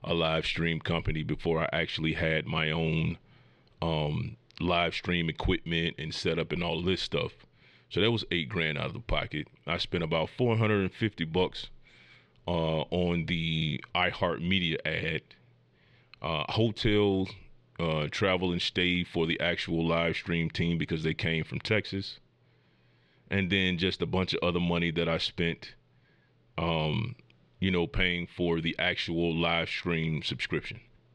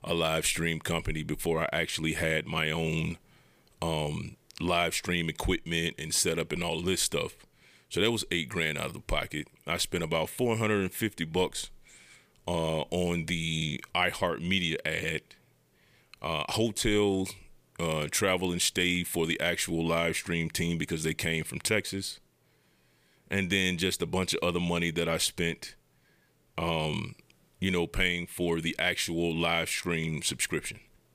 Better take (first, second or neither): second